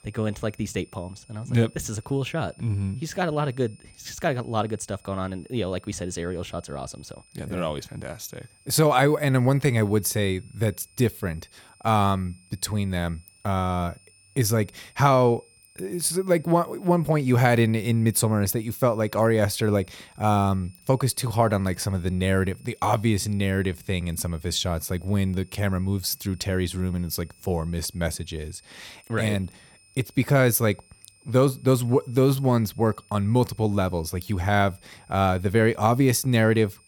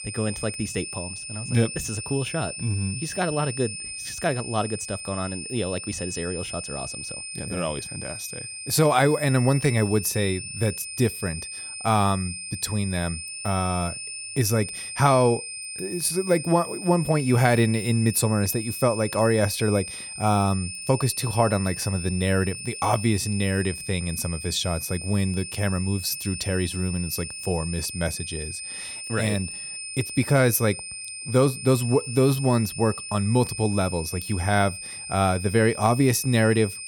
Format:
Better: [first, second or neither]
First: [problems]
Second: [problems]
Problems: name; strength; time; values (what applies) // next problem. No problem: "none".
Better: first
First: high-pitched whine; faint; throughout; 9 kHz, 30 dB below the speech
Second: high-pitched whine; loud; throughout; 9 kHz, 8 dB below the speech